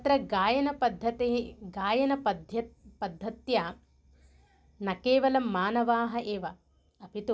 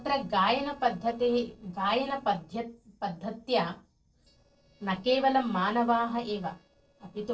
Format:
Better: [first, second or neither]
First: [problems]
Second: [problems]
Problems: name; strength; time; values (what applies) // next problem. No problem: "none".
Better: first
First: none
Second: noise reduction (neural separator model SepFormer DNS4)